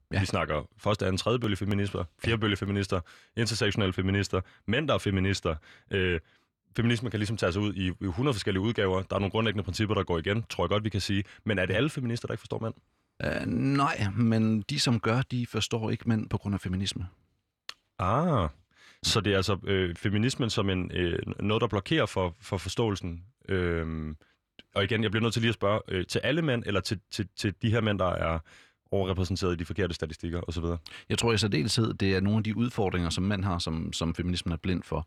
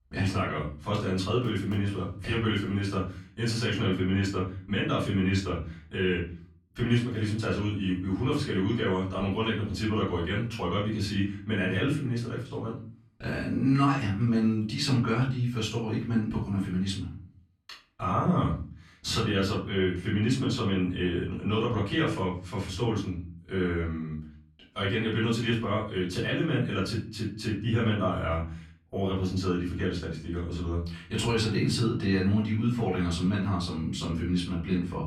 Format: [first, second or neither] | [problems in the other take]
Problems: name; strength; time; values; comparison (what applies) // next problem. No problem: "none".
first | off-mic speech; far // room echo; slight; dies away in 0.4 s